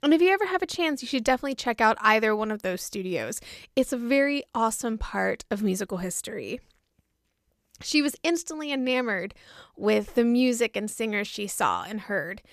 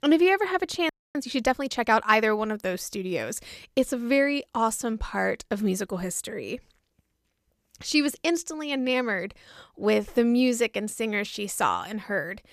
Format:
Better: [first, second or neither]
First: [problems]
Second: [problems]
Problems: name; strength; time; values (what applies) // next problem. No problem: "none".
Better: first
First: none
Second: audio freezing; at 1 s